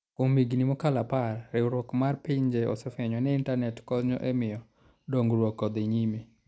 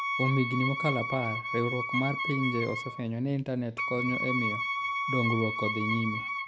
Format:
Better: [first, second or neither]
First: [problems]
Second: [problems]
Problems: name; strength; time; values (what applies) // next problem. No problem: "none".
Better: first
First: none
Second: background sound (Wind instrument, woodwind instrument); 2 dB below the speech